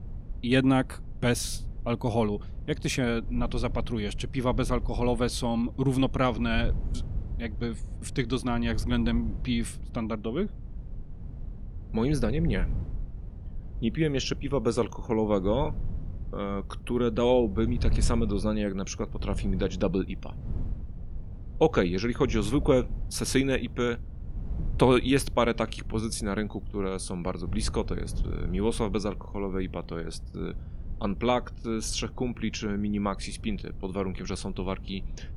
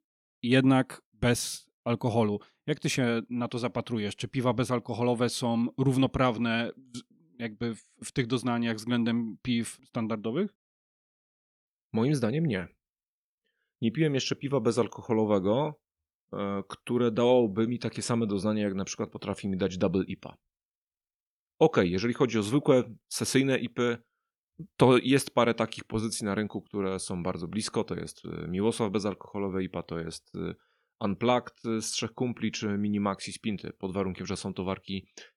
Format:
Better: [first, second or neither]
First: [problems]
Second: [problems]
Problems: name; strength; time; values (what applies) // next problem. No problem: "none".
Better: second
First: wind noise on the microphone; occasional gusts; 20 dB below the speech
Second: none